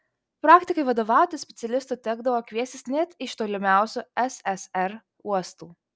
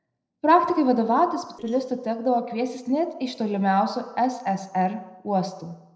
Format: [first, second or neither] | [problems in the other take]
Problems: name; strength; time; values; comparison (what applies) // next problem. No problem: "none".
first | noise reduction (neural separator model SepFormer DNS4)